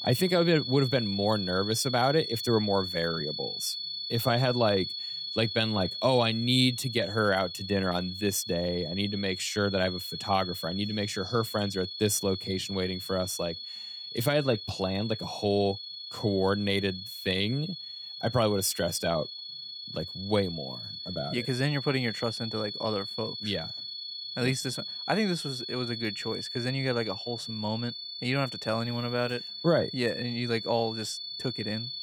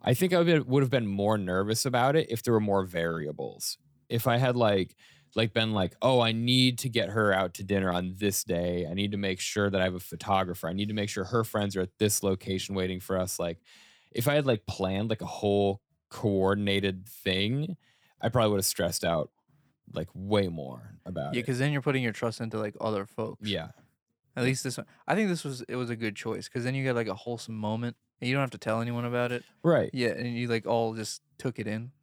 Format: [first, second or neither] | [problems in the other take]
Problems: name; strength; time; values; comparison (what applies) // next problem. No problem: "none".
second | high-pitched whine; loud; throughout; 4.5 kHz, 6 dB below the speech